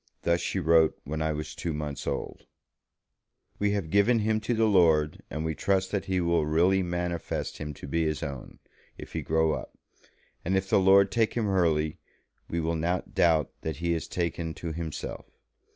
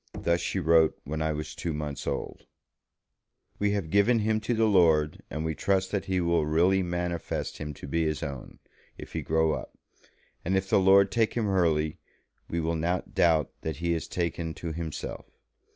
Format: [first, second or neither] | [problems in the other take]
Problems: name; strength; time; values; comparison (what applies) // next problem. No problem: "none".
first | background sound (Knock); 20 dB below the speech